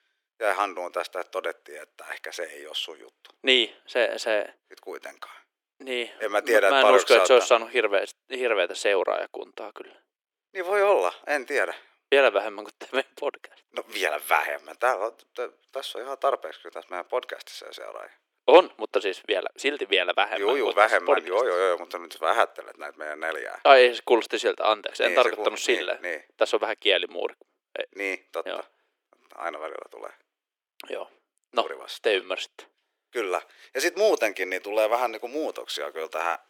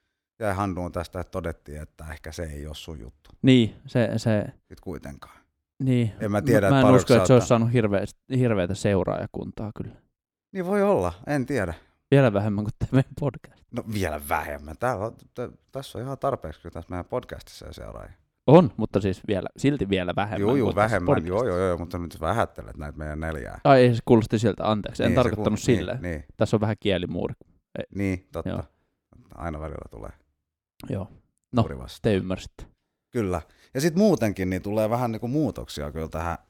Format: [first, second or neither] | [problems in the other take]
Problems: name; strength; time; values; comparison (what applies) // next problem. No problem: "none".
second | thin; very; fading below 350 Hz